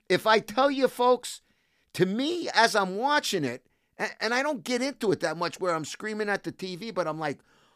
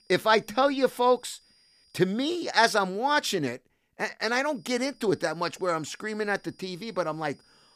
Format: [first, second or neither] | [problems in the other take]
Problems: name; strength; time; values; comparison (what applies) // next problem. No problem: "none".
first | high-pitched whine; faint; until 3 s and from 4.5 s on; 5 kHz, 35 dB below the speech